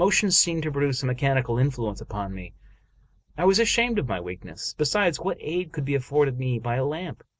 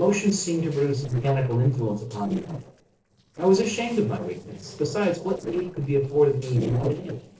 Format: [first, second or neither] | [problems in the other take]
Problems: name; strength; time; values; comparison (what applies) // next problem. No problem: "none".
first | noise reduction (neural separator model SepFormer DNS4)